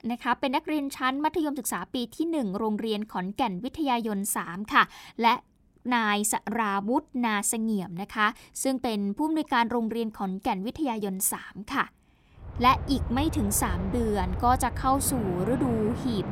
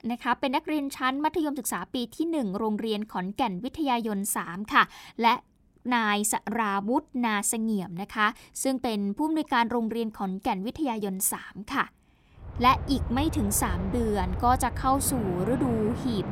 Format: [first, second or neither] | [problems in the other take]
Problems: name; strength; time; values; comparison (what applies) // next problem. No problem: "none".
neither | train or aircraft noise; loud; from 13 s on; 7 dB below the speech; the same in both